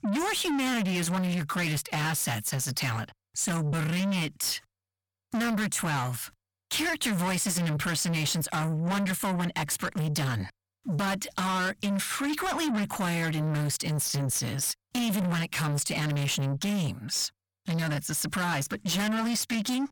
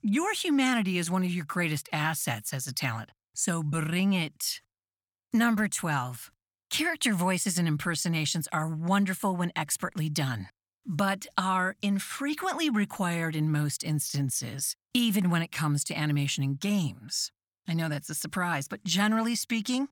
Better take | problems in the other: second | distortion; heavy; 7 dB below the speech

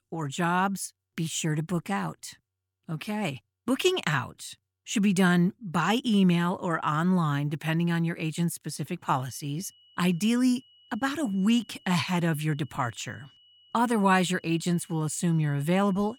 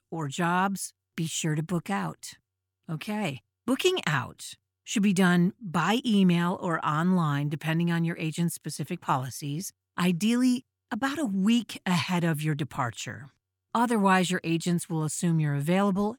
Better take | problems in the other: second | high-pitched whine; faint; from 9 s on; 3 kHz, 30 dB below the speech

